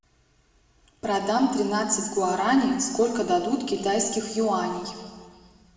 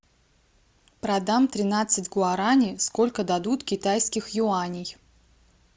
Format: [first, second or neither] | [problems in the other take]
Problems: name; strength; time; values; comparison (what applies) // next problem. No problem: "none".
second | room echo; dies away in 1.6 s